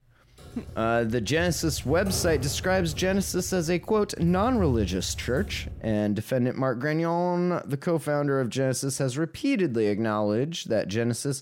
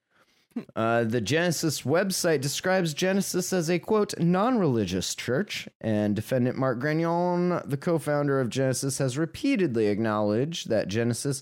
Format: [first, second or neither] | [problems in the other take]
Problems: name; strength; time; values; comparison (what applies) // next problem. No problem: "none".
second | keyboard typing; noticeable; until 6 s; peak 6 dB below the speech